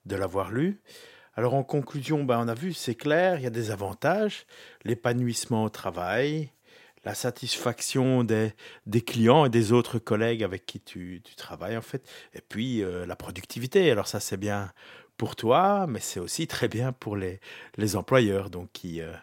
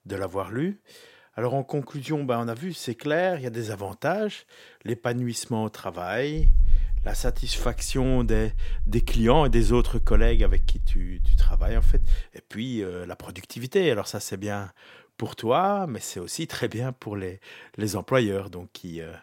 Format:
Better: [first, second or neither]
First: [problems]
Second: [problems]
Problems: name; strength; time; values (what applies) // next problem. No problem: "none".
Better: first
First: none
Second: low rumble; faint; from 6.5 to 12 s; 25 dB below the speech